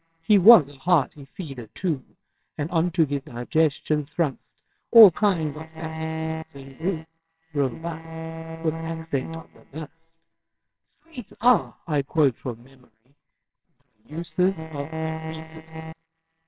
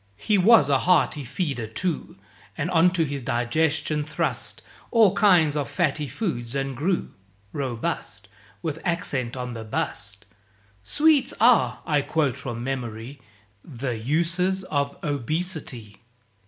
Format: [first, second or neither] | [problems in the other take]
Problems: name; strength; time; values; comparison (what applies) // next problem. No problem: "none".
second | noise reduction (neural separator model SepFormer WHAMR!)